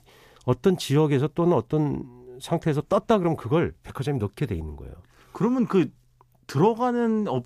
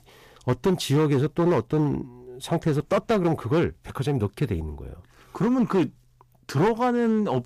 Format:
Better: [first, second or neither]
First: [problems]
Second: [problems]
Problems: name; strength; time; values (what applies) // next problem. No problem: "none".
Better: first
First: none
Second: distortion; slight; 7% of the sound clipped